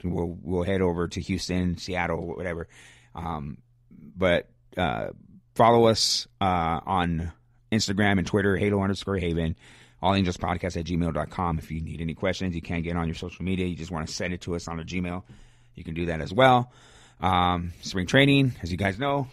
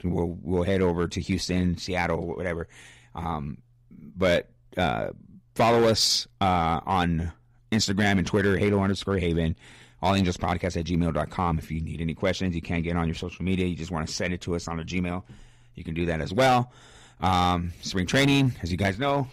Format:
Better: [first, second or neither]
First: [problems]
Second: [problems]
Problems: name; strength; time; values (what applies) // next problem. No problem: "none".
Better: first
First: none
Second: distortion; slight; 3% of the sound clipped